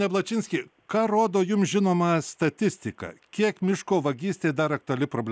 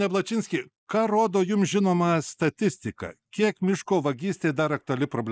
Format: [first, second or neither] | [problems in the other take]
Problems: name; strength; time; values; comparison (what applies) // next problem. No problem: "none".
first | noise reduction (neural mask model Resemble Enhance denoiser)